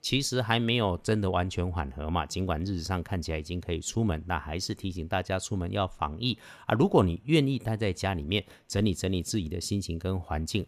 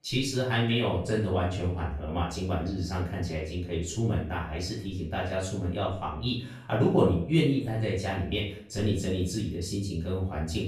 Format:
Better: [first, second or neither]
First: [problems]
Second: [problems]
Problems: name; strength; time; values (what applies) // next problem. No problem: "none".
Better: first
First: none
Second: room echo; noticeable; dies away in 0.5 s // off-mic speech; far